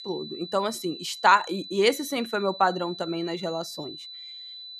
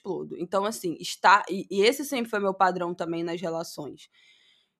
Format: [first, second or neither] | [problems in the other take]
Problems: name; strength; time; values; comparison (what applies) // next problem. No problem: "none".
second | high-pitched whine; noticeable; throughout; 4 kHz, 15 dB below the speech